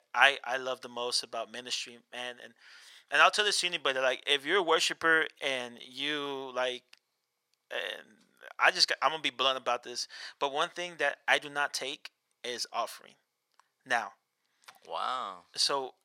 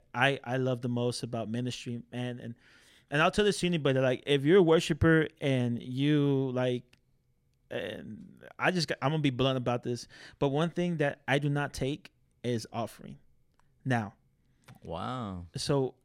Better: second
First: thin; very; fading below 900 Hz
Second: none

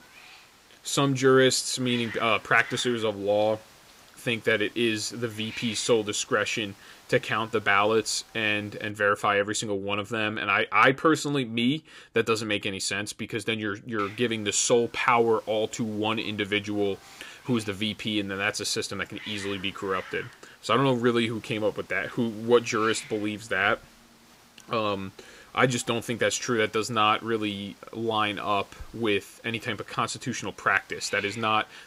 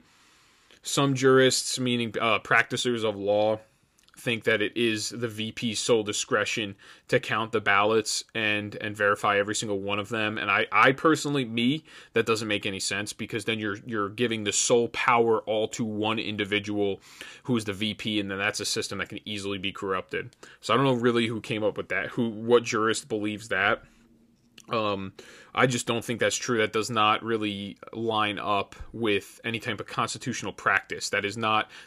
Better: second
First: hiss; faint; until 9 s and from 14 s on; 20 dB below the speech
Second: none

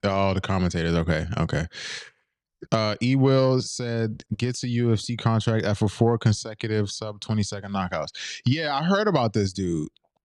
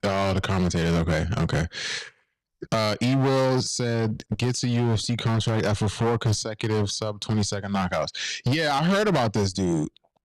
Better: first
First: none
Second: distortion; heavy; 17% of the sound clipped

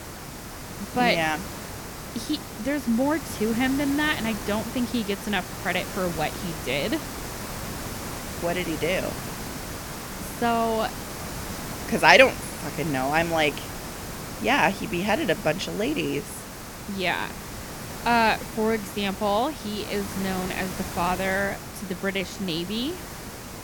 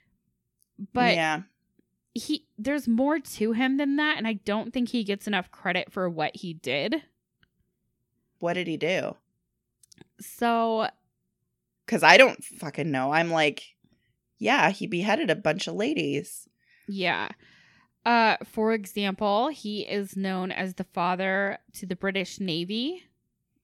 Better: second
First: hiss; loud; throughout; 10 dB below the speech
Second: none

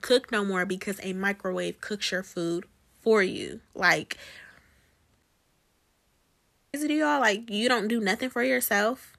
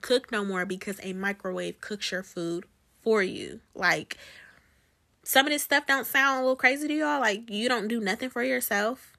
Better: second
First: audio cutting out; at 5 s for 1.5 s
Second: none

